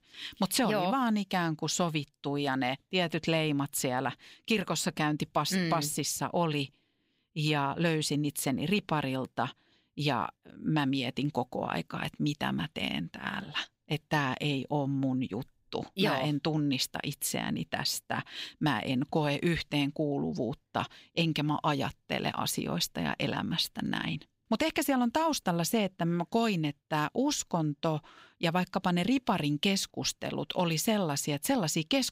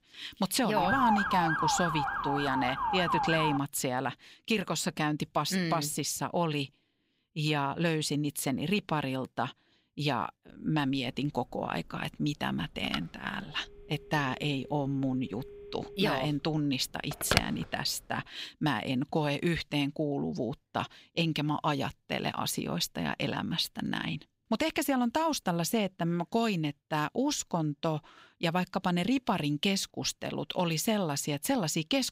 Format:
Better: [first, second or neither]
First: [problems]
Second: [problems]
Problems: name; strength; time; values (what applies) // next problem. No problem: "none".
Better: first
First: none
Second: siren; loud; from 1 to 3.5 s; peak 4 dB above the speech // phone ringing; loud; from 13 to 17 s; peak 2 dB above the speech